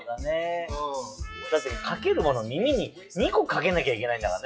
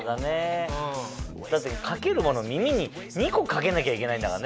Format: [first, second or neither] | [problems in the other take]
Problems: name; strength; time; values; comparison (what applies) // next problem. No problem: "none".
second | noise reduction (classical method WPE with log-MMSE)